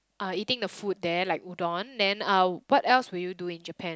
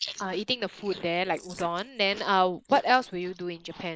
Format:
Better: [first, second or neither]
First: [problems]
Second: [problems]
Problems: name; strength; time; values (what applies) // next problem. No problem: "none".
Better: first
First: none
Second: noise reduction (neural mask model Resemble Enhance denoiser)